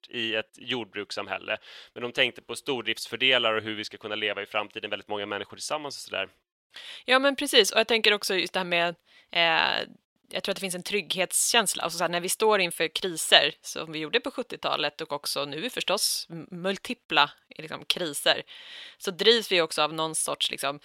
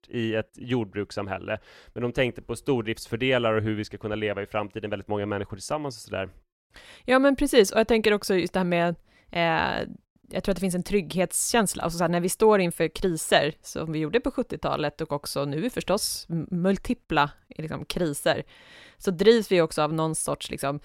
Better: second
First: thin; somewhat; fading below 750 Hz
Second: none

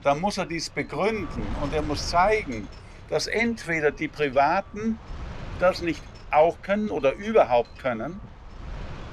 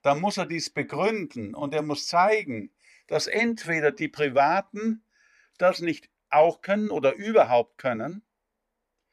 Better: second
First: wind noise on the microphone; occasional gusts; 20 dB below the speech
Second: none

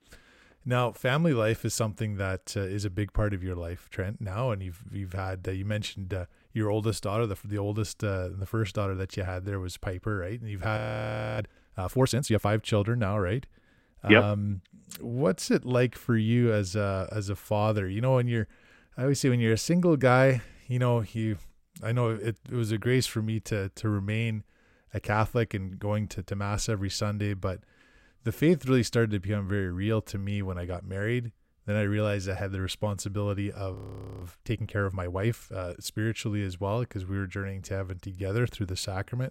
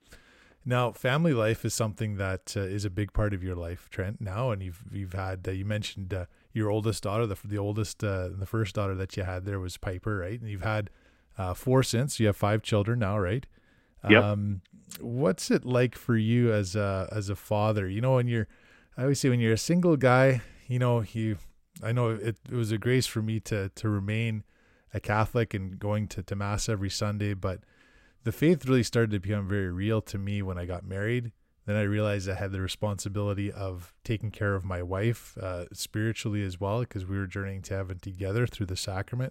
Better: second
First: audio freezing; at 11 s for 0.5 s and at 34 s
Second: none

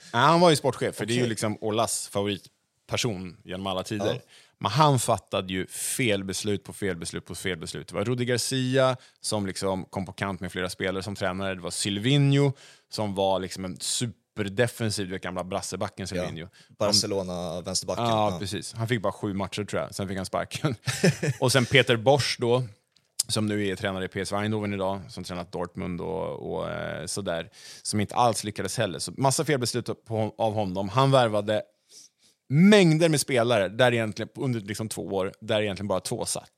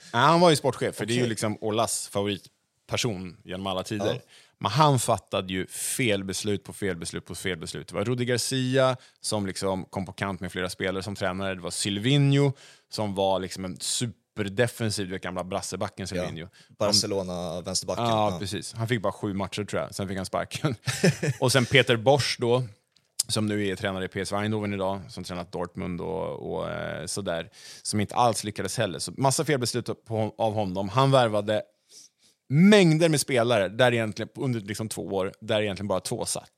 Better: neither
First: none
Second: none

